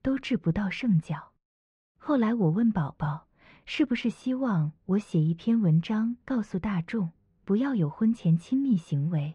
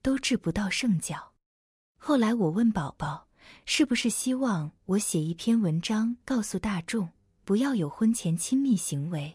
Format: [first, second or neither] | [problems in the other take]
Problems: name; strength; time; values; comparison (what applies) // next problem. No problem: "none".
second | muffled; very; fading above 2.5 kHz